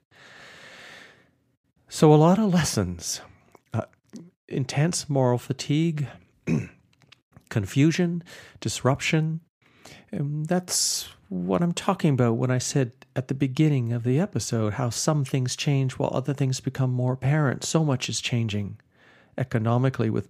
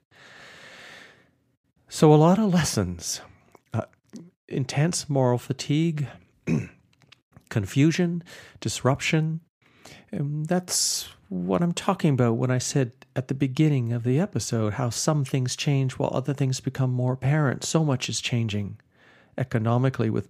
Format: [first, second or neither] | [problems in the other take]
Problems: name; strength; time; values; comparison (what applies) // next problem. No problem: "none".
neither | none